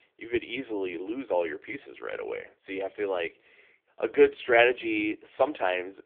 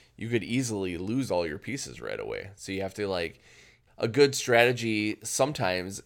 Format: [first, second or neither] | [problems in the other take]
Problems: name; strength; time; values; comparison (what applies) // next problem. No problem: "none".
second | phone-call audio; poor line